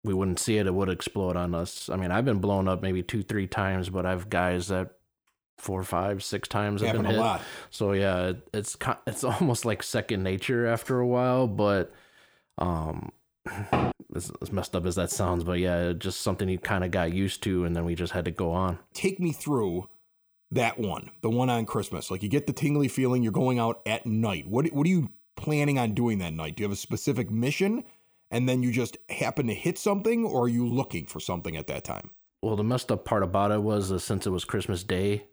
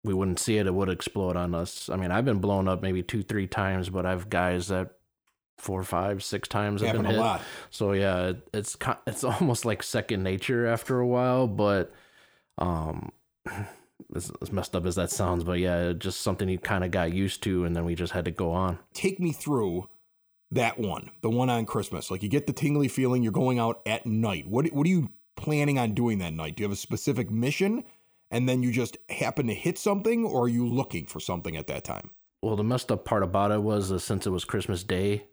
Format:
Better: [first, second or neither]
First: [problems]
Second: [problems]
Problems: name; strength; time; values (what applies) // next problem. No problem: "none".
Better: second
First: door banging; loud; at 14 s; peak level with the speech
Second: none